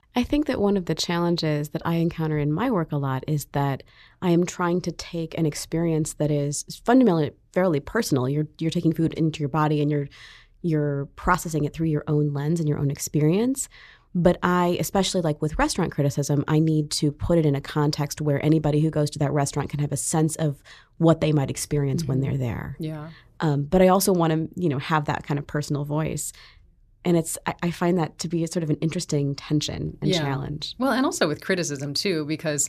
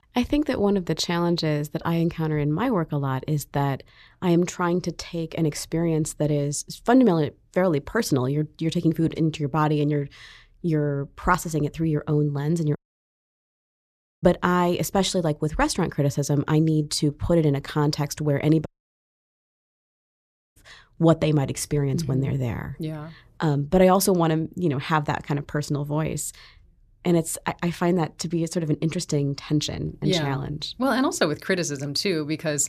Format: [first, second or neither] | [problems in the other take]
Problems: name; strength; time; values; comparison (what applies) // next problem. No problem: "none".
first | audio cutting out; at 13 s for 1.5 s and at 19 s for 2 s